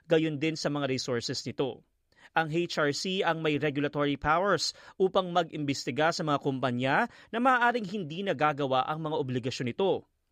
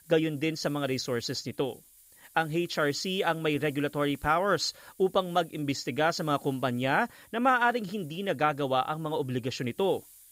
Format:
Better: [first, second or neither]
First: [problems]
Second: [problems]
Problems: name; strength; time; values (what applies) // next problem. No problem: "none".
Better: first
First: none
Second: hiss; faint; throughout; 25 dB below the speech